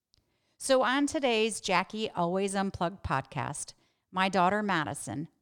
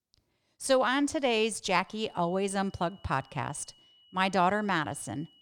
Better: first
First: none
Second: high-pitched whine; faint; from 2 s on; 3 kHz, 30 dB below the speech

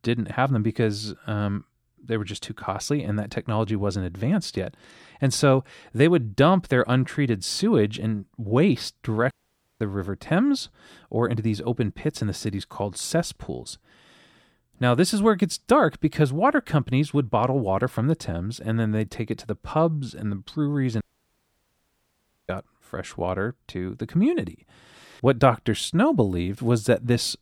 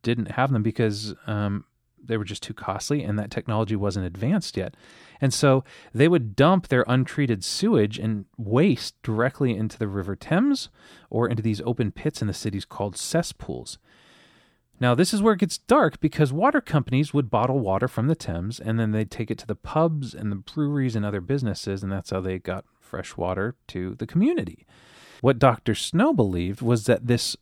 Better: second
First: audio cutting out; at 9.5 s and at 21 s for 1.5 s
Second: none

